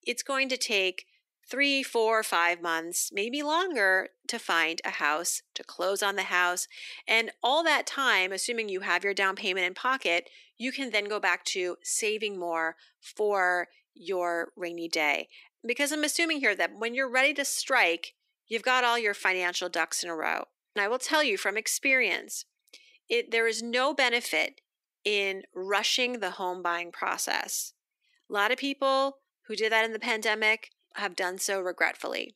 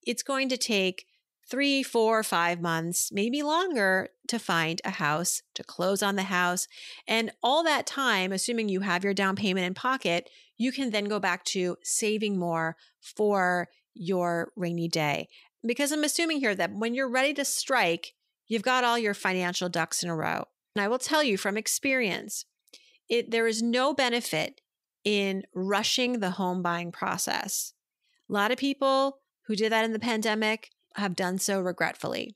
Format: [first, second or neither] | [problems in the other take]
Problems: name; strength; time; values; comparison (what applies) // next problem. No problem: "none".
second | thin; somewhat; fading below 300 Hz